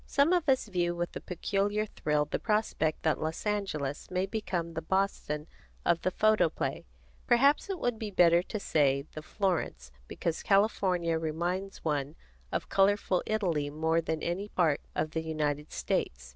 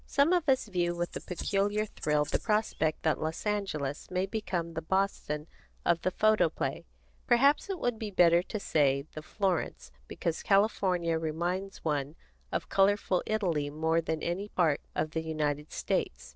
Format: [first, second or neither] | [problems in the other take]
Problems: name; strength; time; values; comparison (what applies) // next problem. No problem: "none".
first | noise reduction (neural separator model SepFormer DNS4)